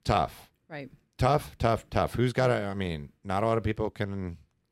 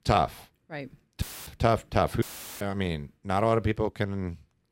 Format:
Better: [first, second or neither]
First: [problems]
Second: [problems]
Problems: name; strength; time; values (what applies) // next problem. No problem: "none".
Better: first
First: none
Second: audio cutting out; filled with static; at 1 s and at 2 s